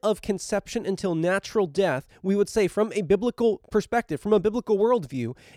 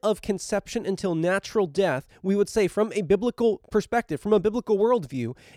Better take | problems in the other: neither | none

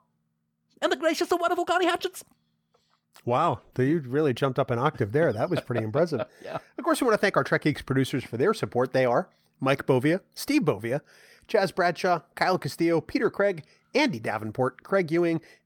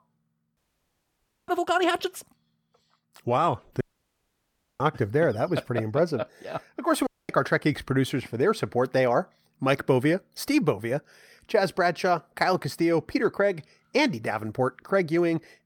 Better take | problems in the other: first | audio cutting out; at 0.5 s for 1 s, at 4 s for 1 s and at 7 s

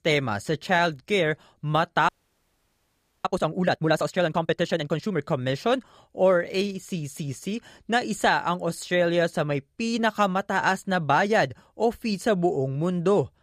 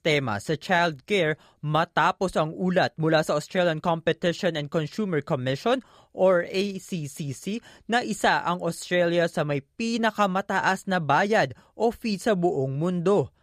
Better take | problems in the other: second | audio freezing; at 2 s for 1 s

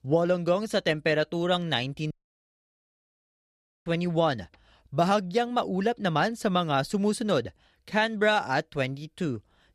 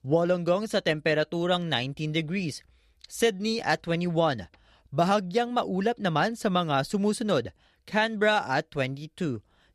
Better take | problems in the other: second | audio cutting out; at 2 s for 2 s

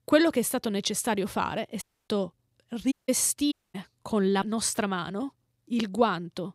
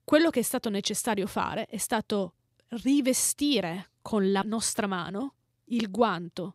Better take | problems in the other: second | audio cutting out; at 2 s, at 3 s and at 3.5 s

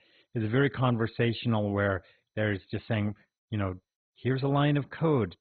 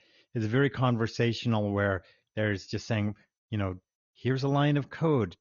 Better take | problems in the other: second | garbled, watery; badly; nothing above 4 kHz; slightly in the second

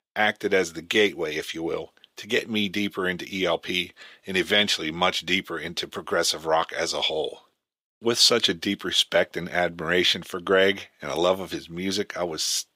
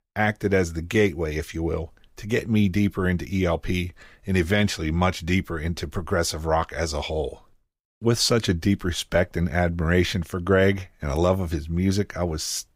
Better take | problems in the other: second | thin; somewhat; fading below 300 Hz

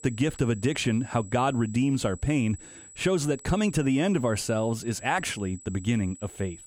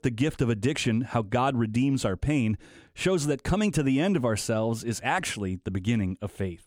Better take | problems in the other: second | high-pitched whine; noticeable; throughout; 8 kHz, 20 dB below the speech

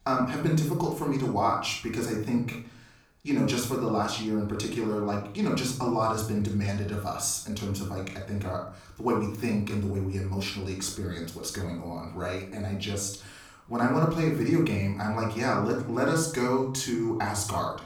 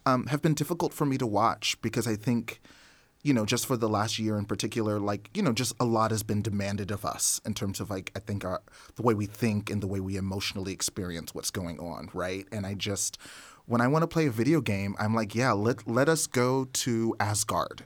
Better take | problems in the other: second | off-mic speech; far // room echo; noticeable; dies away in 0.5 s

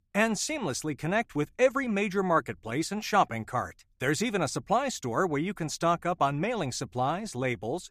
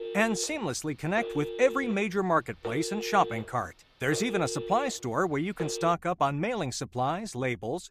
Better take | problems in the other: first | phone ringing; noticeable; until 6 s; peak 7 dB below the speech

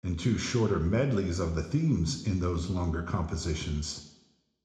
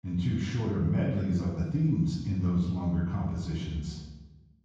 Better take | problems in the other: first | room echo; strong; dies away in 1.3 s; slight in the first // off-mic speech; far; somewhat distant in the first

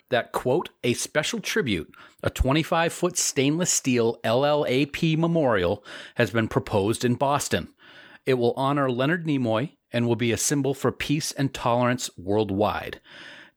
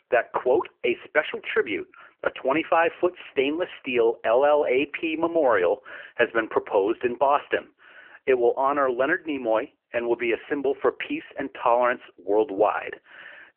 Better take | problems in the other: first | phone-call audio; poor line; nothing above 3 kHz

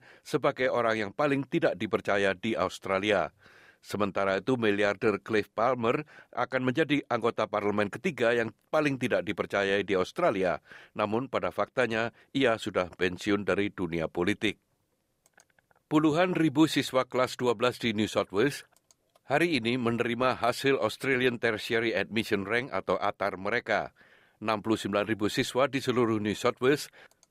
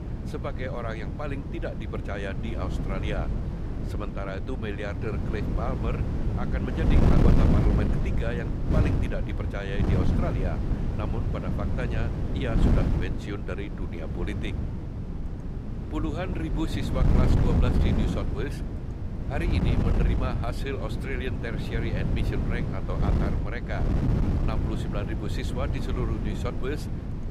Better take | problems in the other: first | wind noise on the microphone; heavy; 1 dB below the speech

